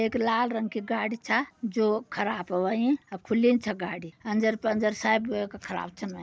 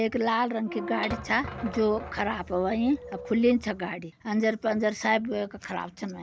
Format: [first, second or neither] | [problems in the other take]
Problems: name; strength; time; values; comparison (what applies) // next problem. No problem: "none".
first | background sound (Squeak / Thump, thud); 11 dB below the speech